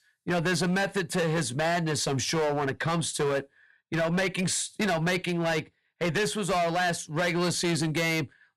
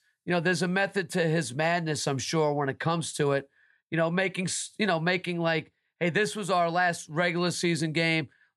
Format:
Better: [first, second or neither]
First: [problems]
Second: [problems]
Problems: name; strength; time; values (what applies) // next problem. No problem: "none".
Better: second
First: distortion; heavy; 18% of the sound clipped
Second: none